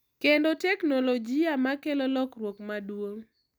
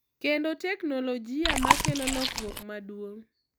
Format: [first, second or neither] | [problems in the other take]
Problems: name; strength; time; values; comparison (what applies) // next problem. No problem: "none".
first | background sound (Chewing, mastication); 5 dB above the speech